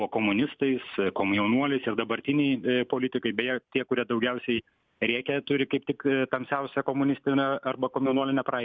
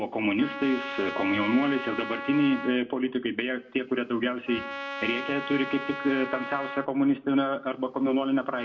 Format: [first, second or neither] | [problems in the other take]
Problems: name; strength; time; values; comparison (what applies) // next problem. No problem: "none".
first | background sound (Trumpet); 10 dB below the speech // room echo; dies away in 0.3 s